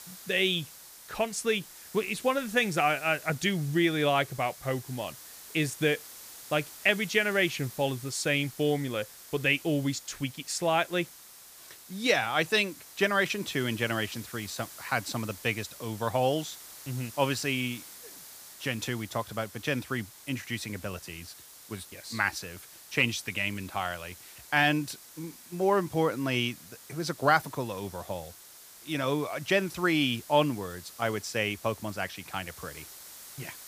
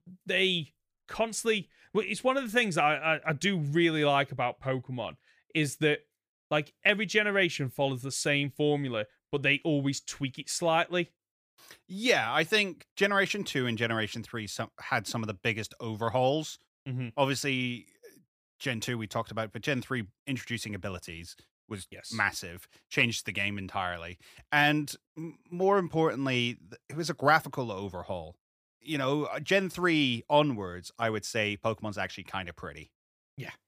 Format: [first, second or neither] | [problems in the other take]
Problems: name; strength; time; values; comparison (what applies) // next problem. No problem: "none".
second | hiss; noticeable; throughout; 15 dB below the speech